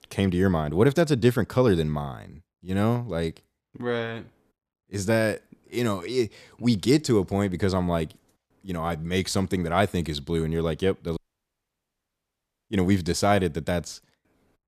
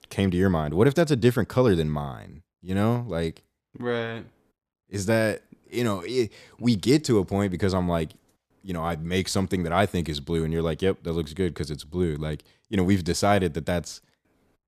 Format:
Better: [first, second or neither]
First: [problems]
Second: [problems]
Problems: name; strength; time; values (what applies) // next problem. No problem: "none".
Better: second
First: audio cutting out; at 11 s for 1.5 s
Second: none